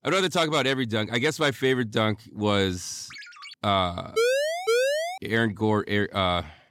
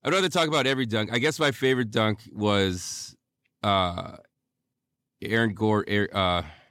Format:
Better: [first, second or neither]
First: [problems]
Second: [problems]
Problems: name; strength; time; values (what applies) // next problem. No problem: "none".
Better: second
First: phone ringing; faint; at 3 s; peak 15 dB below the speech // siren; loud; from 4 to 5 s; peak 2 dB above the speech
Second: none